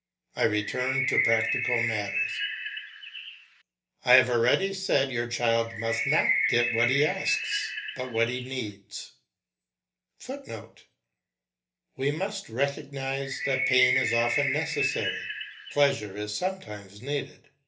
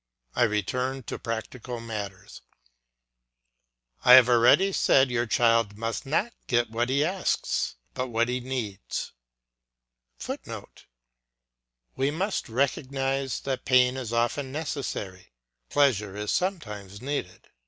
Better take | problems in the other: second | background sound (Bird); as loud as the speech // room echo; dies away in 0.3 s

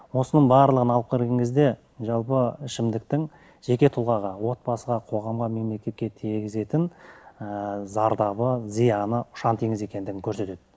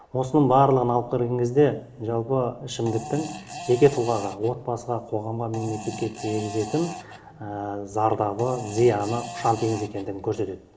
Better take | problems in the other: first | background sound (Fart); 13 dB below the speech // room echo; dies away in 2.6 s

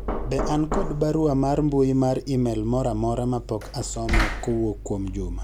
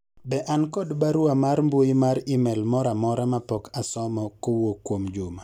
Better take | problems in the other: second | background sound (Knock); 5 dB below the speech

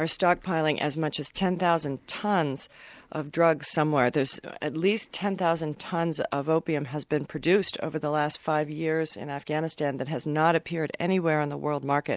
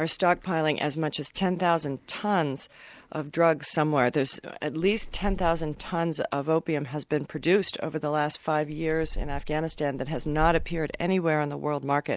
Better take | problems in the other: first | background sound (Bird); 7 dB below the speech

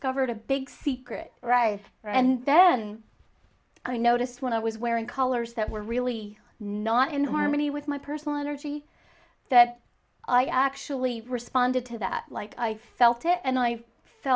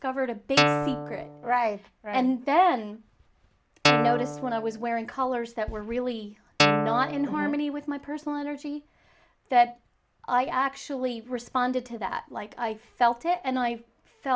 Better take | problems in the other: first | background sound (Guitar); 3 dB above the speech

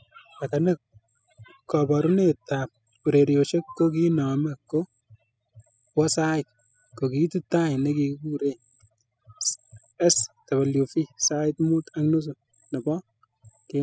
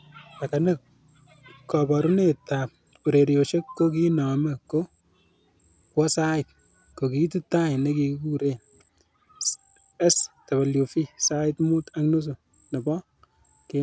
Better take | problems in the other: second | noise reduction (classical method spectral subtraction)

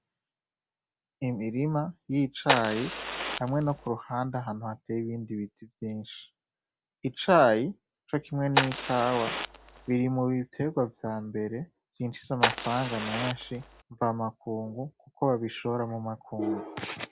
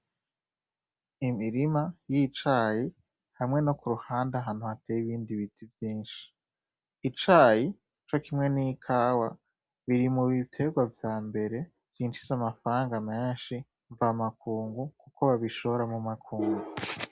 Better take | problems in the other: second | background sound (Fire); 1 dB below the speech

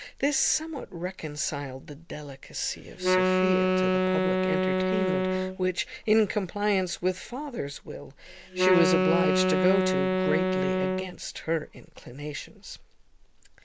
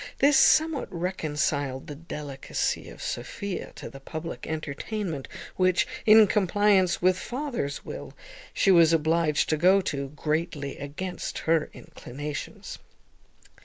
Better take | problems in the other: second | background sound (Wind instrument, woodwind instrument); 4 dB above the speech

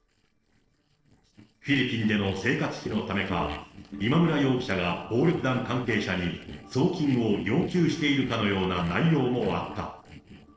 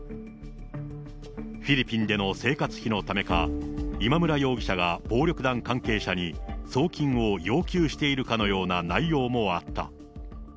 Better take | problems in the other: second | noise reduction (neural separator model SepFormer DNS4)

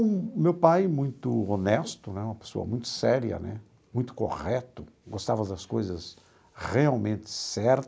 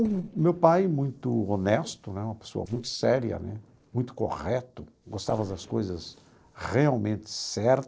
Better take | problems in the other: first | noise reduction (neural separator model SepFormer DNS4)

